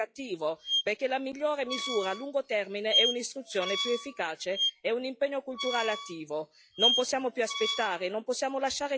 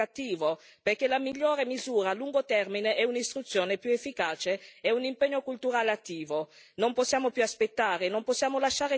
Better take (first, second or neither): second